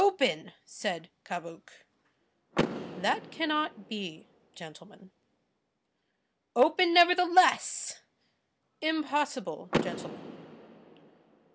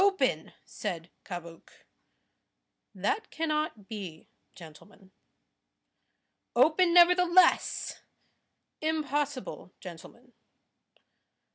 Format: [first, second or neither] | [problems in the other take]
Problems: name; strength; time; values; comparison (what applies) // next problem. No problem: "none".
second | background sound (Door / Car); 10 dB below the speech